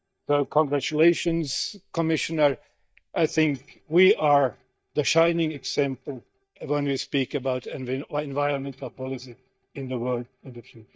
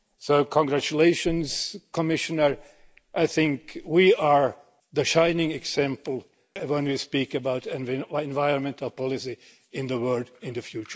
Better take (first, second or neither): second